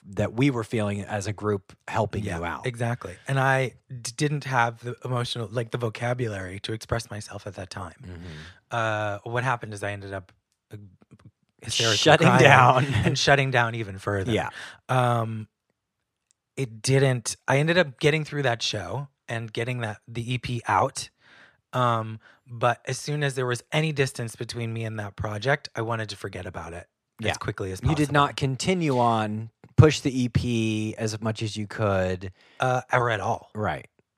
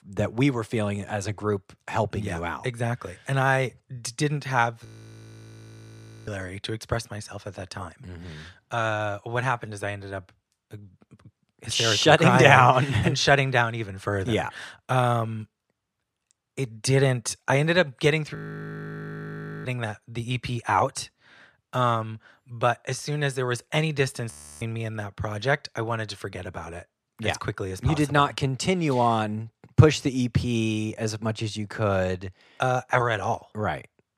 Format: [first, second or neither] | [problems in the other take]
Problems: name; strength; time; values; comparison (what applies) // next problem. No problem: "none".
first | audio freezing; at 5 s for 1.5 s, at 18 s for 1.5 s and at 24 s